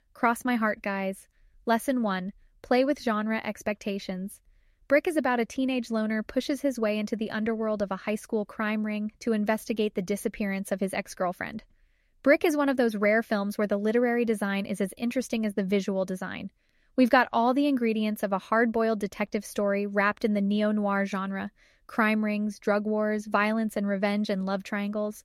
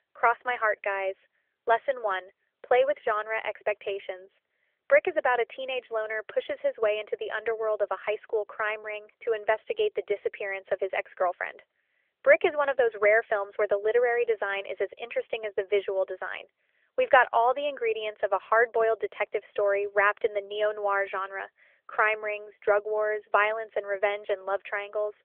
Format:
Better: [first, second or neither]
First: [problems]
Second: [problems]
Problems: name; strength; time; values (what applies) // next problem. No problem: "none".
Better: first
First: none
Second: phone-call audio; nothing above 3 kHz